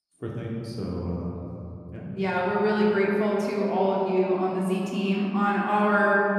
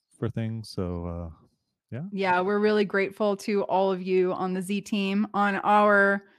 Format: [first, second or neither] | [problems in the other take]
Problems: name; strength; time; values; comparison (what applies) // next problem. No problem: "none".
second | room echo; noticeable; dies away in 2.9 s // off-mic speech; far